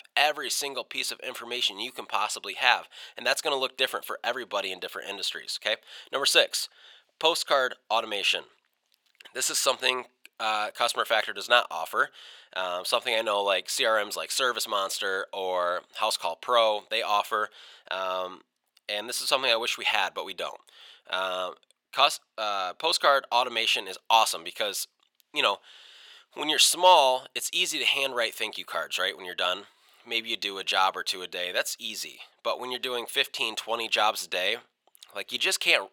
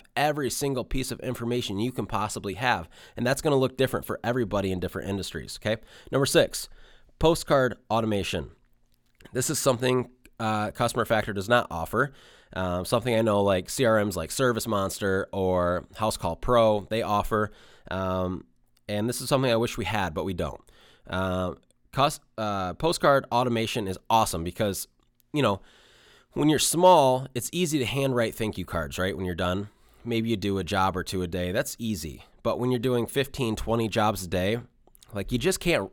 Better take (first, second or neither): second